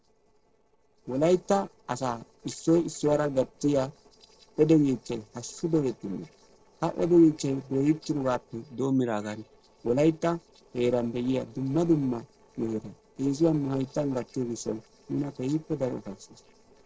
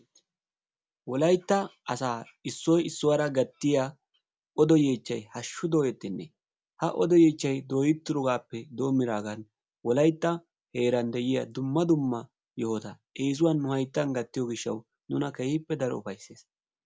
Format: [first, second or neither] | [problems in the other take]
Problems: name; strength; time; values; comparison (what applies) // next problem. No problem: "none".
second | noise reduction (neural separator model SepFormer DNS4)